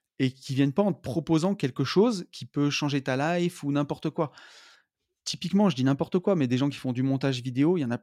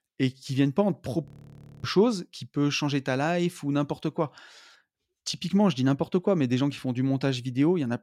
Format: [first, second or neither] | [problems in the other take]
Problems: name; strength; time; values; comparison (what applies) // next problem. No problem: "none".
first | audio freezing; at 1.5 s for 0.5 s